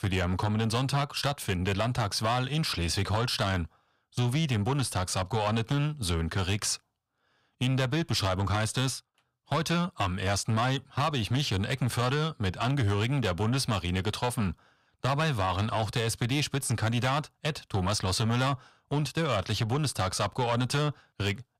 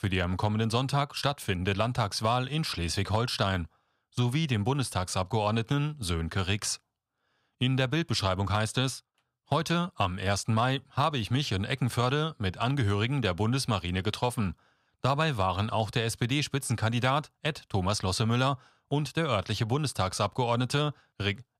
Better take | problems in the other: second | distortion; slight; 10 dB below the speech

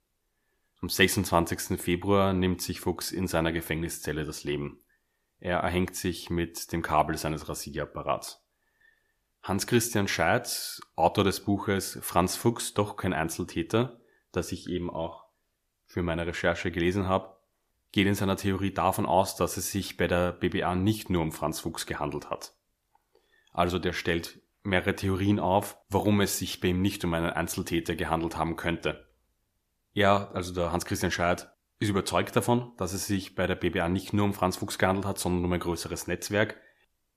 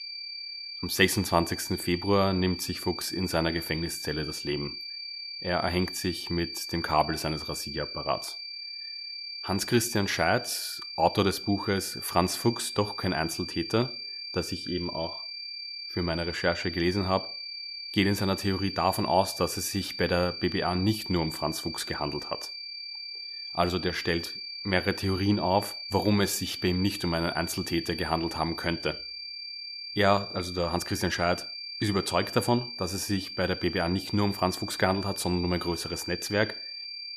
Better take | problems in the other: first | high-pitched whine; loud; throughout; 4.5 kHz, 7 dB below the speech

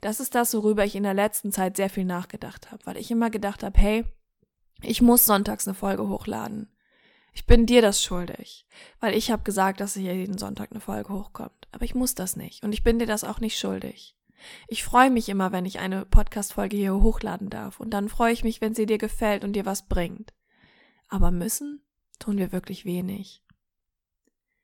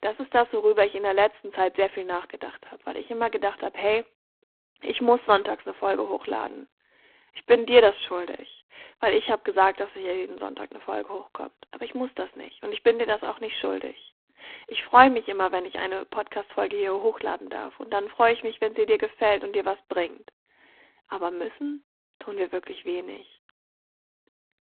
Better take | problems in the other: first | phone-call audio; poor line

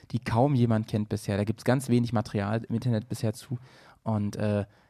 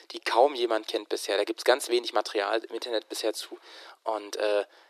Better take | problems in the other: first | thin; very; fading below 350 Hz

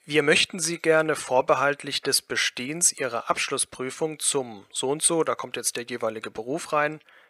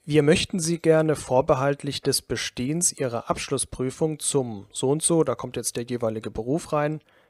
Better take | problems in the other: second | thin; somewhat; fading below 1 kHz

